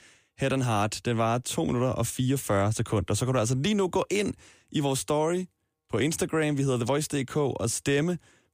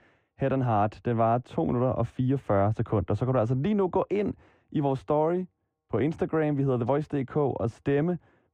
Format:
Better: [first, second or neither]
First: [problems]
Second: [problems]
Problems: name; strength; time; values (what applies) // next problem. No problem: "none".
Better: first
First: none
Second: muffled; very; fading above 4 kHz